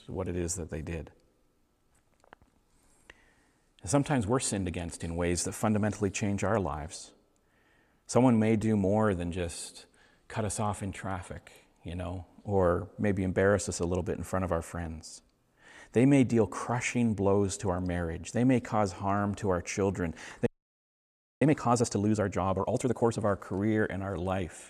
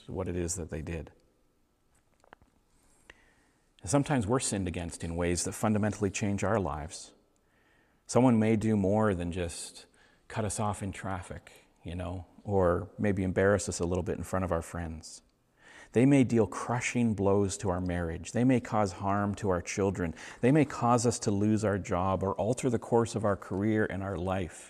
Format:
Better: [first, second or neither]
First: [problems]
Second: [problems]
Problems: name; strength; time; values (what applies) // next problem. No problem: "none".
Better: second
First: audio freezing; at 20 s for 1 s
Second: none